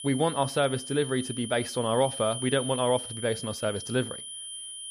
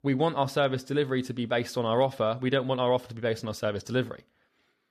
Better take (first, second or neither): second